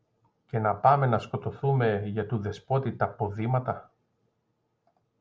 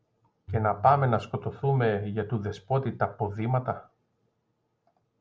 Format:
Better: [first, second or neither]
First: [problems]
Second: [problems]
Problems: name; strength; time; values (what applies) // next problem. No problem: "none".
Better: first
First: none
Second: background sound (Bowed string instrument); 14 dB below the speech